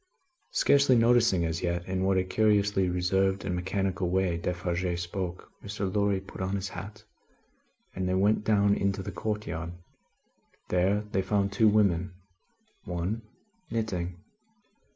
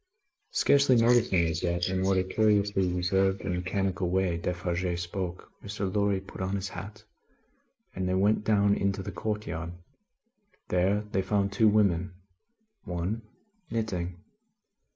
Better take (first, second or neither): first